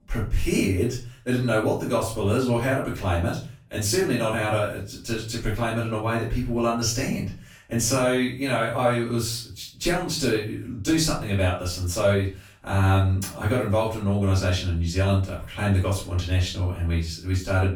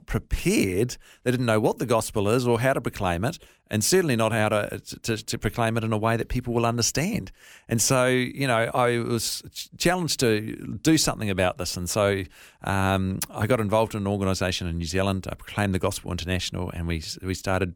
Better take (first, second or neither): second